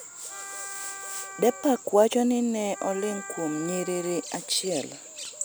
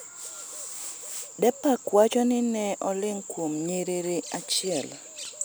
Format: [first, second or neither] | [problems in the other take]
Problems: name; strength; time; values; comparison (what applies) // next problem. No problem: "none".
second | background sound (Wind instrument, woodwind instrument); 16 dB below the speech